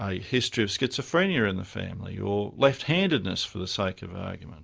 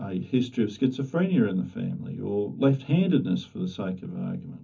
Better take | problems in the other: first | room echo; dies away in 0.3 s

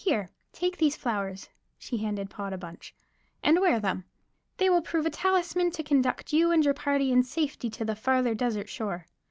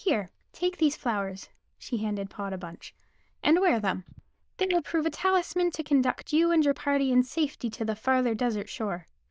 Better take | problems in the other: first | noise reduction (neural diffusion model UNIVERSE++)

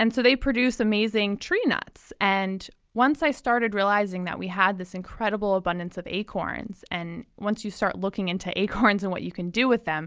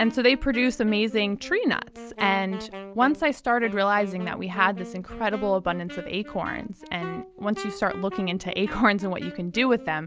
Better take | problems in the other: first | background sound (Wind instrument, woodwind instrument); 15 dB below the speech

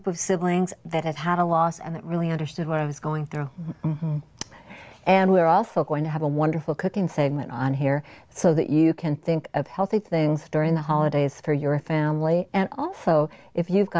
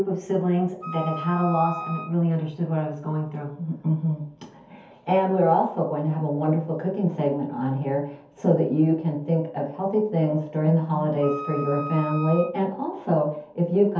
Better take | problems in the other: first | background sound (Wind instrument, woodwind instrument); 11 dB below the speech // room echo; dies away in 0.5 s

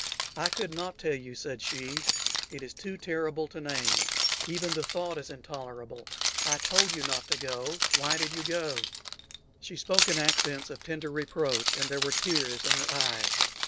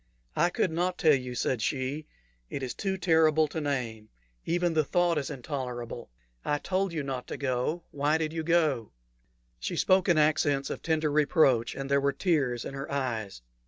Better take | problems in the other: second | background sound (Keys jangling); 3 dB above the speech

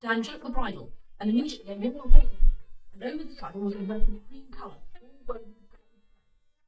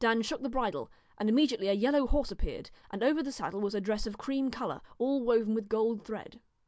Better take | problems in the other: second | noise reduction (neural mask model DeepFilterNet 3)

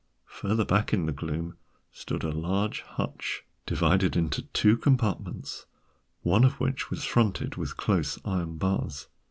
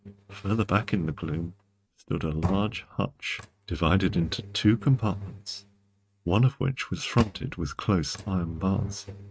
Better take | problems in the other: first | noise reduction (neural mask model RNNoise)

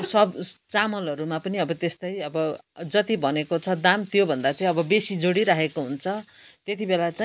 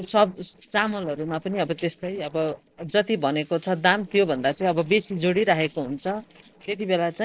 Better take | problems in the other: first | noise reduction (neural separator model SepFormer DNS4)

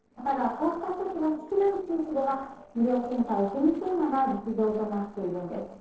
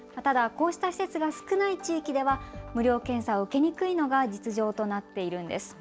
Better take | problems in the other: second | noise reduction (neural separator model SepFormer DNS4)

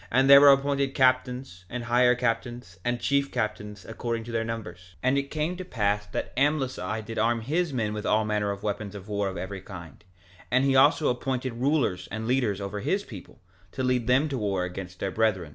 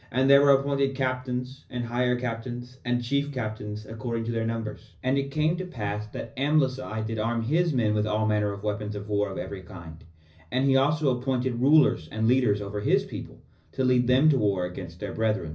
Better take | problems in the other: first | room echo; dies away in 0.4 s

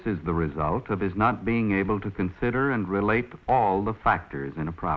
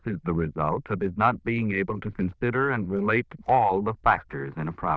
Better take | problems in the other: first | noise reduction (neural diffusion model UNIVERSE++)

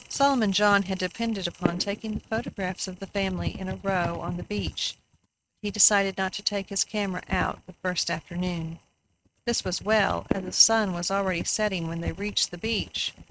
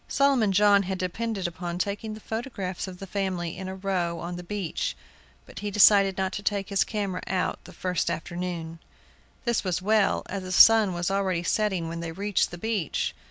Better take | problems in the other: second | noise reduction (neural mask model RNNoise)

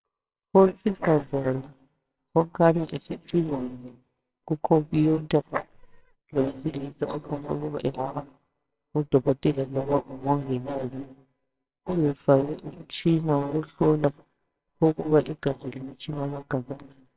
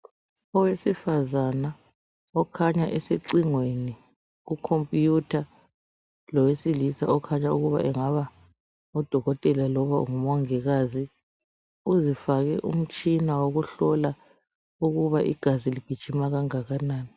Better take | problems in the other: second | noise reduction (neural separator model SepFormer WHAMR!)

